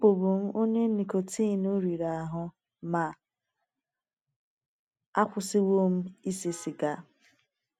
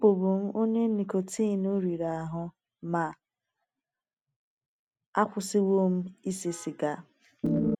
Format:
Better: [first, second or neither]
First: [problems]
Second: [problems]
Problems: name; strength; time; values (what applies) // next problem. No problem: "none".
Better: first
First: none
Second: background sound (Organ); 4 dB above the speech